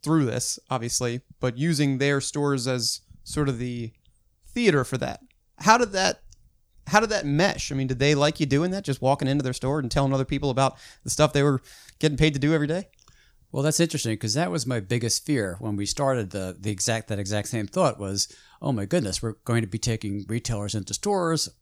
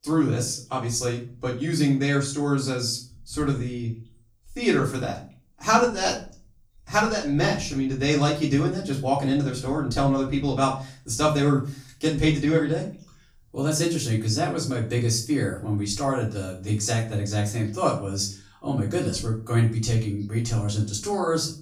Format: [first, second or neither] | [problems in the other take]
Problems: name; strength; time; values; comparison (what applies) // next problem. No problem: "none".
first | off-mic speech; far // room echo; slight; dies away in 0.3 s